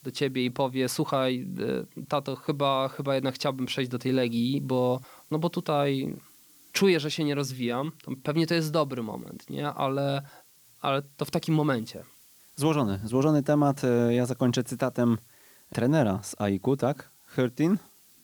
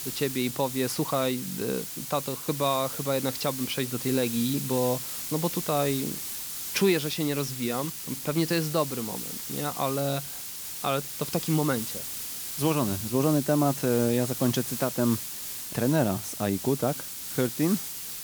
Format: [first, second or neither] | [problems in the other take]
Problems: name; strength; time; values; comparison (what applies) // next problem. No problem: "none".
first | hiss; loud; throughout; 5 dB below the speech; faint in the first